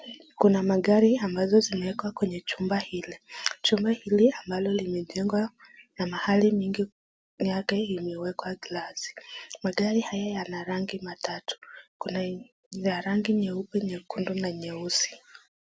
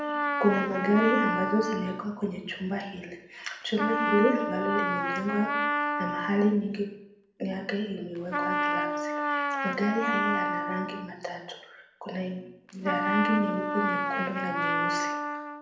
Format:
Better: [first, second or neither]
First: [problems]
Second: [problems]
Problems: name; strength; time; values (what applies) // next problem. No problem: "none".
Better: first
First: none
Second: background sound (Trumpet); 1 dB below the speech // room echo; dies away in 0.7 s